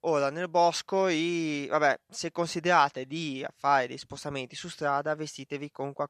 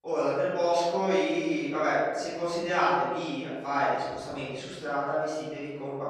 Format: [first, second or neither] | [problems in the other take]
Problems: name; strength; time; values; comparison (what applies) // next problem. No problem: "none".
first | off-mic speech; far // room echo; strong; dies away in 1.3 s